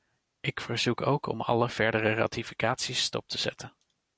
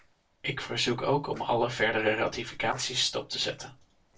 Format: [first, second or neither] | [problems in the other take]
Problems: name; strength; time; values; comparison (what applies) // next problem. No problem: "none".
first | noise reduction (neural separator model SepFormer DNS4)